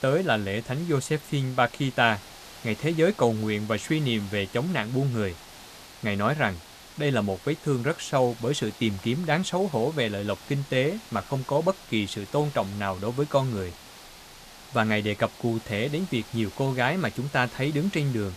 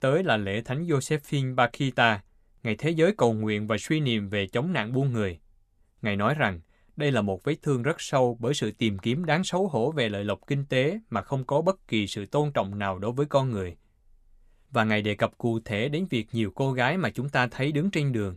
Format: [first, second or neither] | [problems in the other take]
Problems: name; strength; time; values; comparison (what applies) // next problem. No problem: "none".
second | hiss; noticeable; throughout; 20 dB below the speech